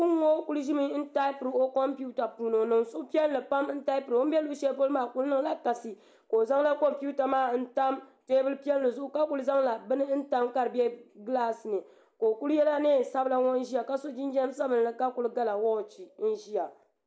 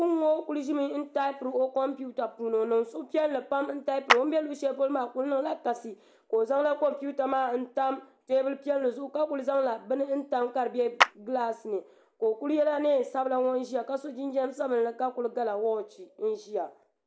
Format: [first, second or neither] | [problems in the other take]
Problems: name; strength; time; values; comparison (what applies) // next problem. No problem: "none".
first | background sound (Clapping); 2 dB below the speech